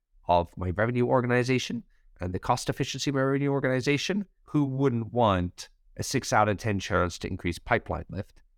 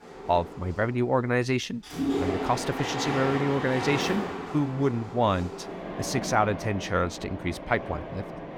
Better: first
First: none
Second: machinery noise; loud; throughout; 6 dB below the speech

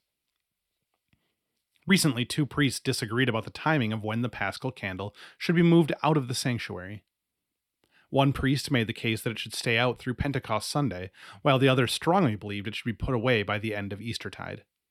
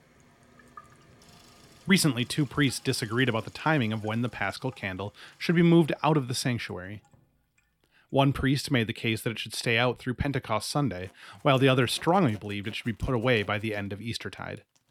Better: first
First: none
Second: household noises; faint; throughout; 30 dB below the speech

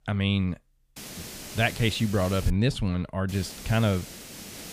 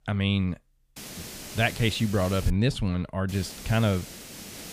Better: neither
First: hiss; noticeable; from 1 to 2.5 s and from 3.5 s on; 15 dB below the speech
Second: hiss; noticeable; from 1 to 2.5 s and from 3.5 s on; 15 dB below the speech

